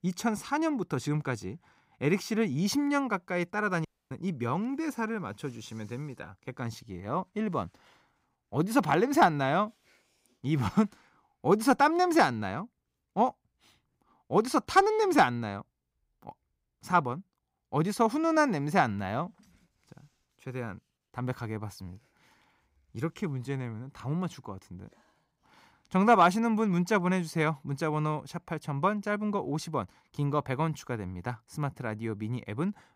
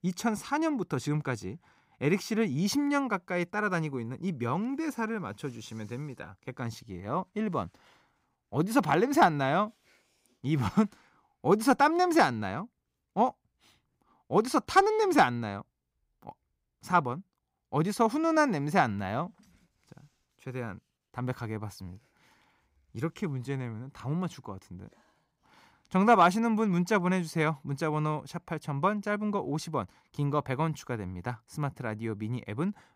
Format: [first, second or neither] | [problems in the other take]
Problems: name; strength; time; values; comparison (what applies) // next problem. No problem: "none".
second | audio cutting out; at 4 s